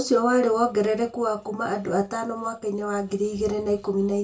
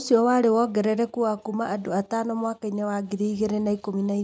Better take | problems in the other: second | room echo; dies away in 0.2 s

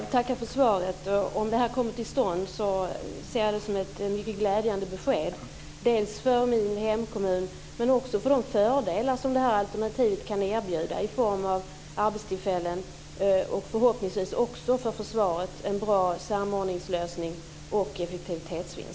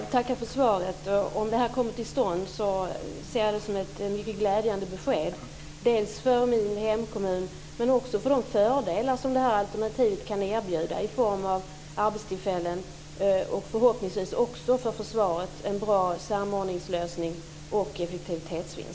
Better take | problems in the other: first | room echo; dies away in 0.3 s

